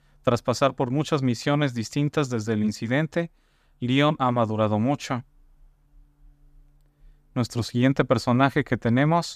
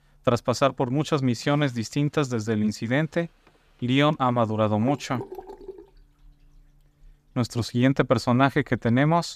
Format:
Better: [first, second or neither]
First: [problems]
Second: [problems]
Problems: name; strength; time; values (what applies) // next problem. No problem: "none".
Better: first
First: none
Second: household noises; noticeable; throughout; 20 dB below the speech